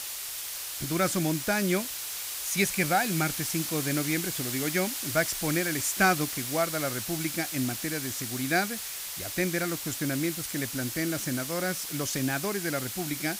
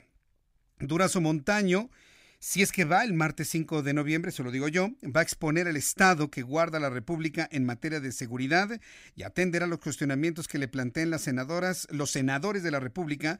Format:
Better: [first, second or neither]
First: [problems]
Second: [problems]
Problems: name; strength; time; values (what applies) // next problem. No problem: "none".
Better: second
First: hiss; loud; throughout; 3 dB below the speech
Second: none